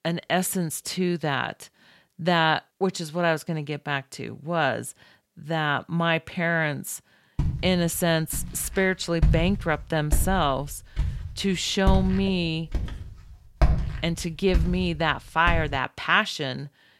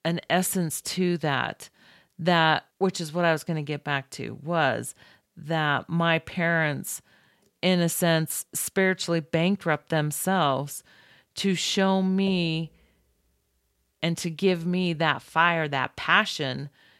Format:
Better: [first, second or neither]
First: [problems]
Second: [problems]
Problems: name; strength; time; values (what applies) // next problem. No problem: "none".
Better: second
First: footsteps; loud; from 7.5 to 16 s; peak 1 dB above the speech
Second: none